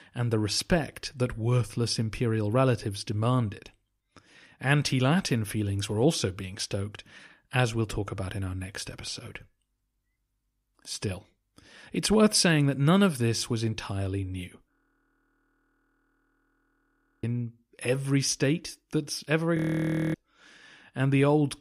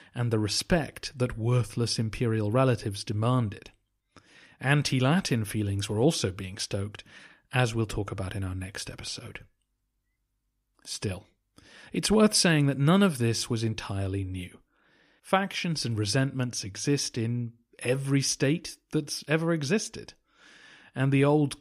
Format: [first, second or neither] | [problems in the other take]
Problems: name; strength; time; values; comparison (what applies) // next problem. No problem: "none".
second | audio freezing; at 15 s for 2.5 s and at 20 s for 0.5 s